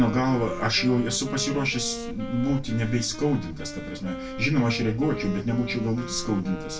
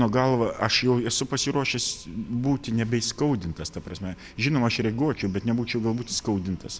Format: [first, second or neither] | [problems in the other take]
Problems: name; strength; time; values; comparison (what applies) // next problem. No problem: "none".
second | background sound (Wind instrument, woodwind instrument); 10 dB below the speech // room echo; dies away in 0.2 s